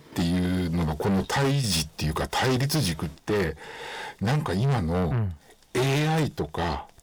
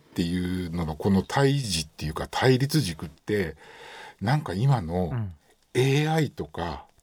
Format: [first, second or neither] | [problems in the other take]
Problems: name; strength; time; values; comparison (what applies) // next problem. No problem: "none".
second | distortion; heavy; 6 dB below the speech